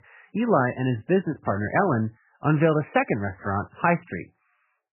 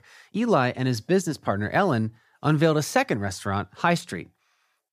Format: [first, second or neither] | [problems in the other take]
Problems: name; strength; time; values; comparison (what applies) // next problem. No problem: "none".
second | garbled, watery; badly; nothing above 3 kHz